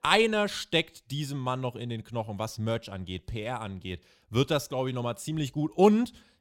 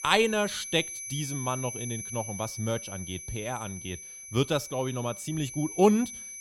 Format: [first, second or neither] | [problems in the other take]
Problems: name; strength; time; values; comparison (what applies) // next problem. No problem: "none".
first | high-pitched whine; loud; throughout; 6 kHz, 8 dB below the speech